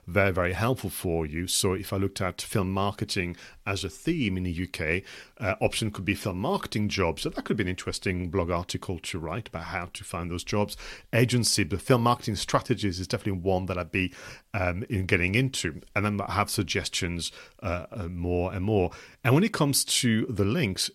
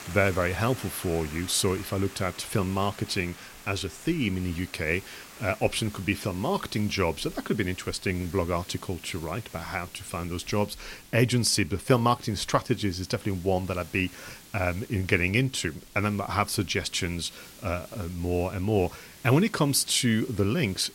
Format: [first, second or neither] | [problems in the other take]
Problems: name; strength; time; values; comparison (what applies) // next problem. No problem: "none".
first | hiss; noticeable; throughout; 20 dB below the speech